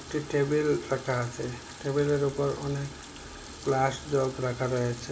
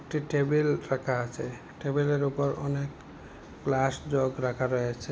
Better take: second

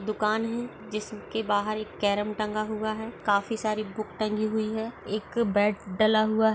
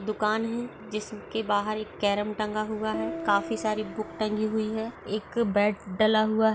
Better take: first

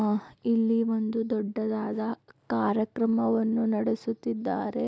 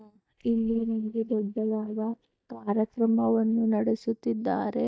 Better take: first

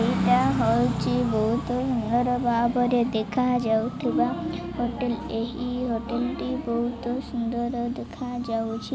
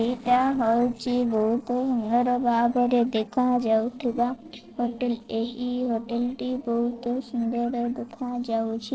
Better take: first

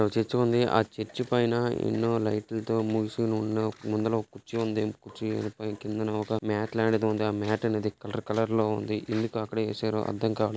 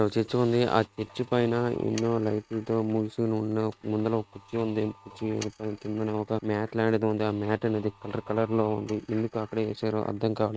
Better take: first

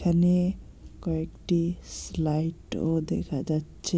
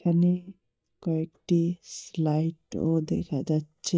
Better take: first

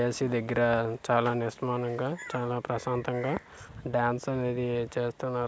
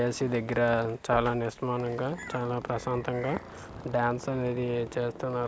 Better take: first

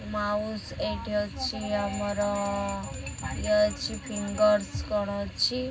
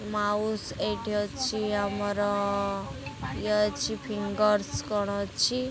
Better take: second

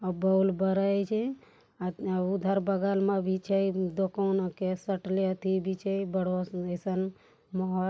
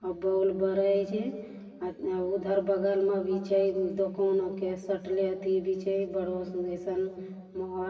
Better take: first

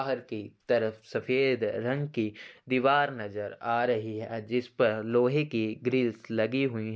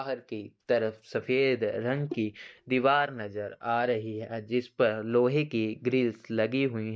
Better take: first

